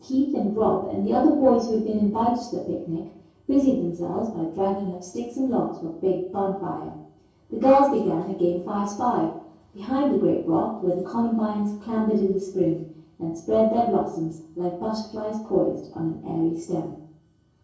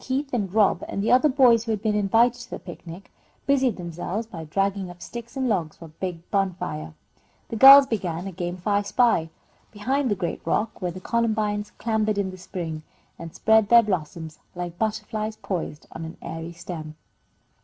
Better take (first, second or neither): second